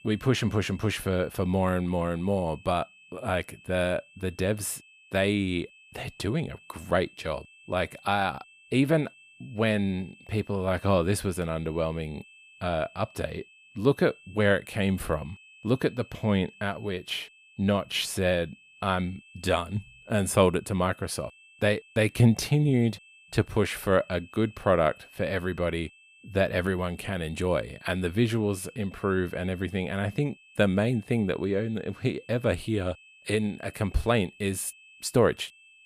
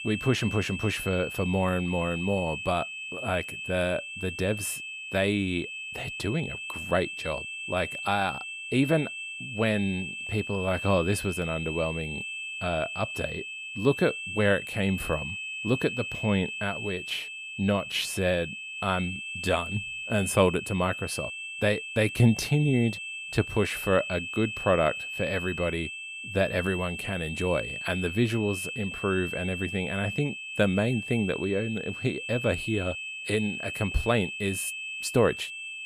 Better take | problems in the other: first | high-pitched whine; loud; throughout; 2.5 kHz, 6 dB below the speech; faint in the first

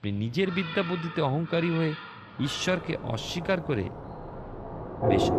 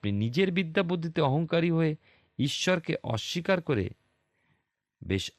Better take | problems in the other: second | rain or running water; loud; throughout; 6 dB below the speech

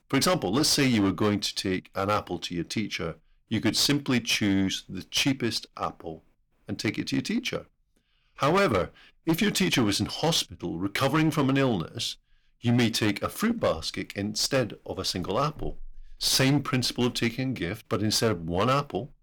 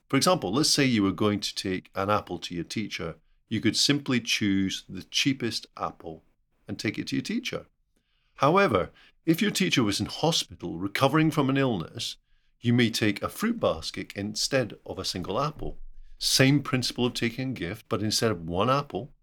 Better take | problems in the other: second | distortion; slight; 7% of the sound clipped

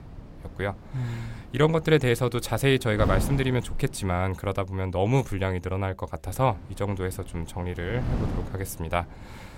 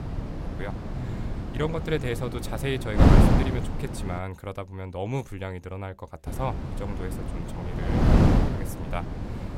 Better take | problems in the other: first | wind noise on the microphone; heavy; until 4 s and from 6.5 s on; 2 dB above the speech; occasional gusts in the first

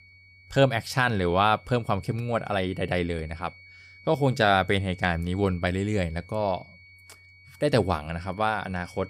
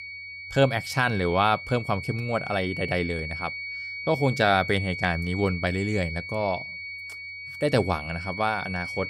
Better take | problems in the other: first | high-pitched whine; loud; throughout; 2 kHz, 8 dB below the speech; faint in the first

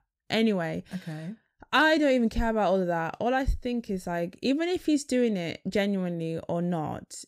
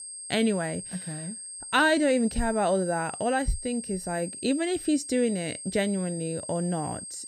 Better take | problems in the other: first | high-pitched whine; loud; throughout; 8.5 kHz, 10 dB below the speech

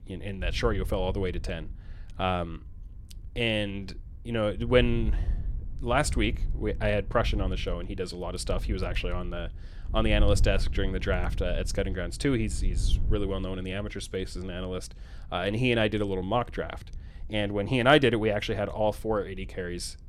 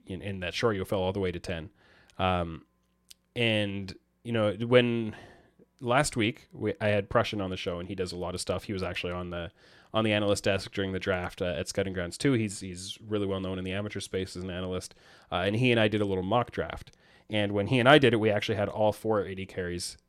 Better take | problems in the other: second | wind noise on the microphone; occasional gusts; 25 dB below the speech

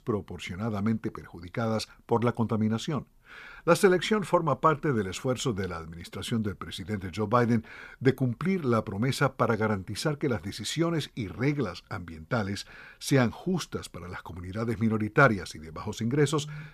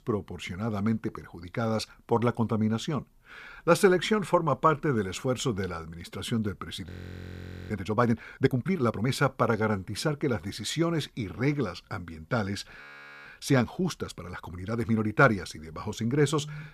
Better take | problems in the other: first | audio freezing; at 7 s for 1 s and at 13 s

